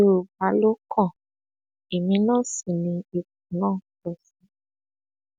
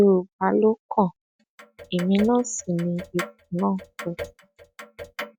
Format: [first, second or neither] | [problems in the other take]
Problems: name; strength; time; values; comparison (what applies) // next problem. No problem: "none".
first | noise reduction (classical method log-MMSE)